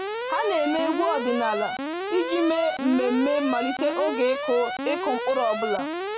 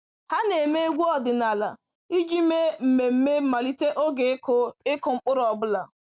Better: second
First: background sound (Alarm); 4 dB below the speech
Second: none

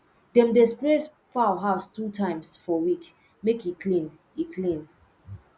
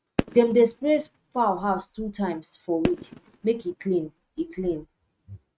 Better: first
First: none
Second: noise reduction (neural mask model RNNoise)

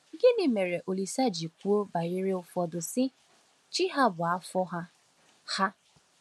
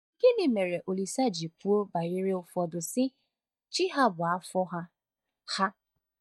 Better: first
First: none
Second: noise reduction (neural mask model DeepFilterNet 3)

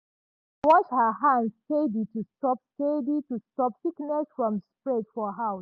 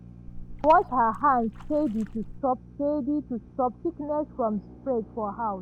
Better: first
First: none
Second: background sound (Drill + Splash, splatter); 16 dB below the speech

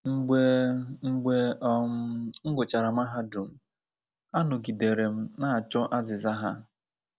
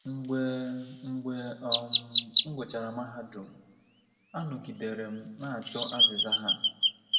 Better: first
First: none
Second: background sound (Chirp, tweet); 4 dB above the speech // room echo; dies away in 1.2 s

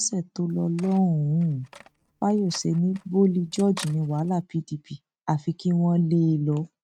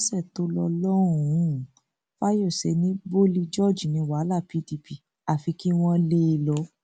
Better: second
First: noise reduction (neural mask model RNNoise)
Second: none

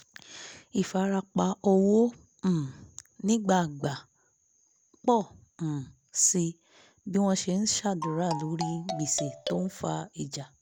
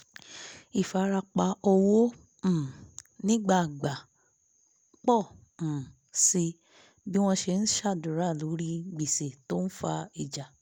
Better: second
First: background sound (Marimba, xylophone); 8 dB below the speech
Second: none

